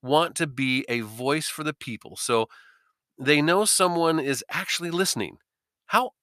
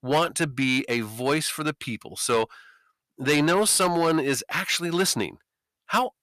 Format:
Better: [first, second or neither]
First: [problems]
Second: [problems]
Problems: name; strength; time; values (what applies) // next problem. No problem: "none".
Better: first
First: none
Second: distortion; slight; 10 dB below the speech